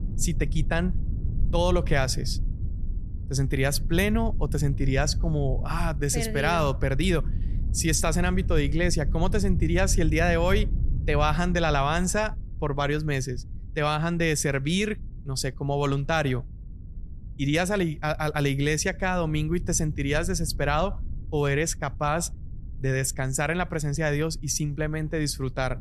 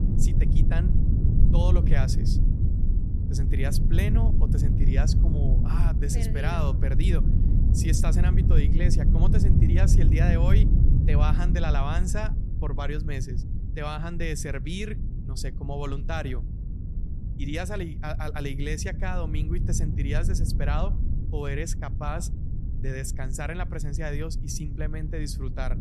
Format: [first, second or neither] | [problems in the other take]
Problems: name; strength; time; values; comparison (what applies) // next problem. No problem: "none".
first | low rumble; loud; throughout; 5 dB below the speech; faint in the first